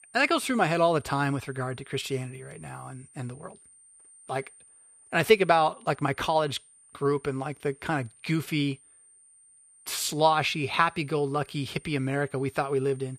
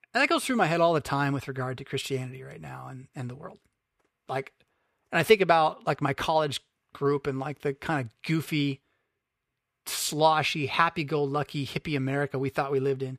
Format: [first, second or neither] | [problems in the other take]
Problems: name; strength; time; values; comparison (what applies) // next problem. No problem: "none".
second | high-pitched whine; faint; throughout; 9 kHz, 25 dB below the speech